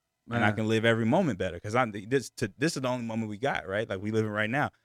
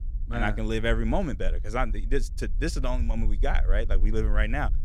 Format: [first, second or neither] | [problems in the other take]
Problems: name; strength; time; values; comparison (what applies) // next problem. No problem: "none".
first | low rumble; faint; throughout; 20 dB below the speech